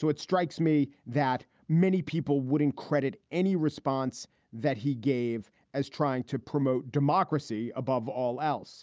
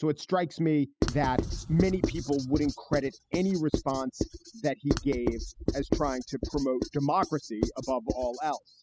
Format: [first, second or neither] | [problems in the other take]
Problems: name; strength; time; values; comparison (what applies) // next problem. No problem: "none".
first | noise reduction (classical method spectral subtraction)